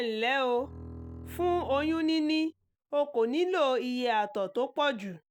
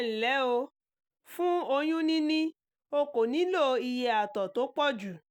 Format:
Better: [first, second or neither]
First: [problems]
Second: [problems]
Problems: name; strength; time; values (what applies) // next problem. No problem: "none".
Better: second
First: background sound (Bowed string instrument); 16 dB below the speech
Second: none